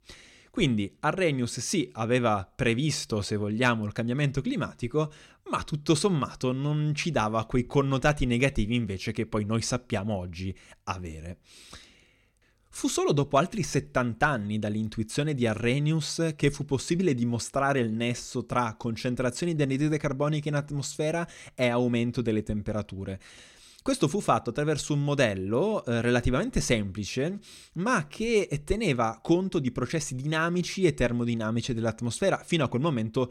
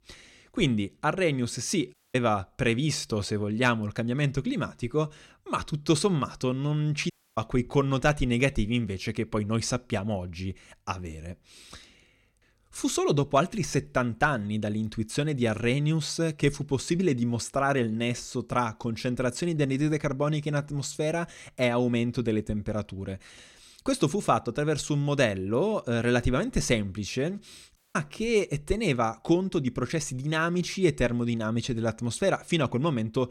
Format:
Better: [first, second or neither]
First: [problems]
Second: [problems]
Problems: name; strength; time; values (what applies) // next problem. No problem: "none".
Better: first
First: none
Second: audio cutting out; at 2 s, at 7 s and at 28 s